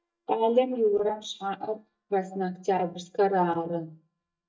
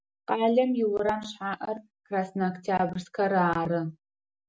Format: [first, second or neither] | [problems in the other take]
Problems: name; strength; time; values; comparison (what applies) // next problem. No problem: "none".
second | noise reduction (neural mask model DeepFilterNet 3)